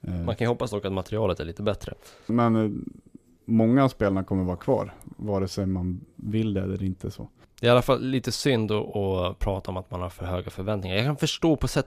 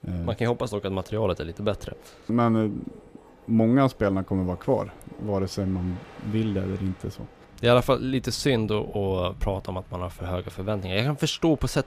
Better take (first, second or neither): first